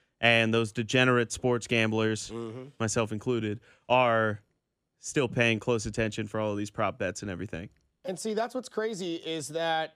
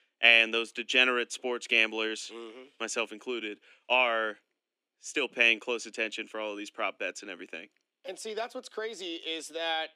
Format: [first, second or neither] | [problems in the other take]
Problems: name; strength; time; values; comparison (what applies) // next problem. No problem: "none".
first | thin; somewhat; fading below 250 Hz